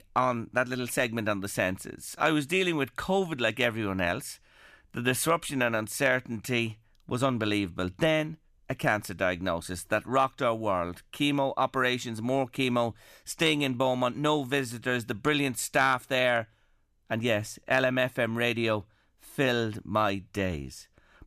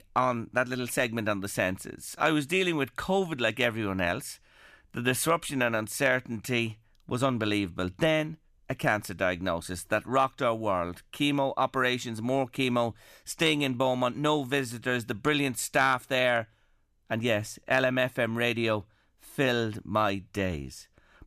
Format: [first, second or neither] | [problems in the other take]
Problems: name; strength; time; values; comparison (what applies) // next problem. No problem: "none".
neither | none